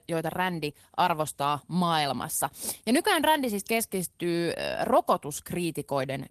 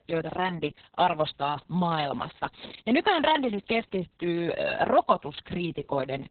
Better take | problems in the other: first | garbled, watery; badly; nothing above 4 kHz; slightly in the first

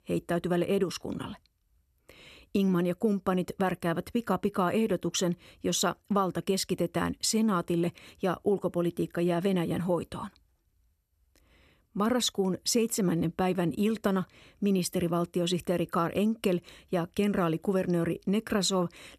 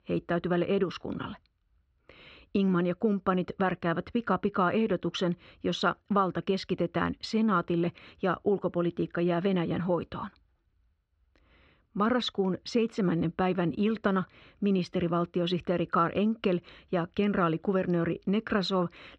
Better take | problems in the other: first | muffled; slightly; fading above 4 kHz

